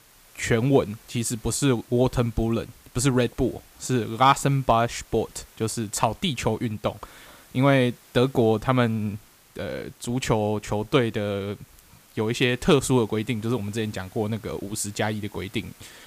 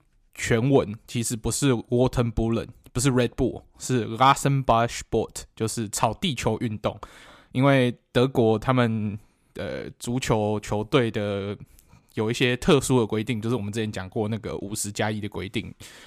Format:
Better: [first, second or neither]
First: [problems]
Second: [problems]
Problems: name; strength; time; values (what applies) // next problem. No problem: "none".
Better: second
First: hiss; faint; throughout; 25 dB below the speech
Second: none